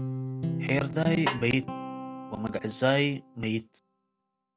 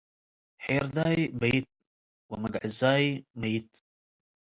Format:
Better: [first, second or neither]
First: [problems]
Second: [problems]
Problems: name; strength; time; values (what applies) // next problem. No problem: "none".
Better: second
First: background sound (Guitar + Snare drum); 5 dB below the speech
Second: none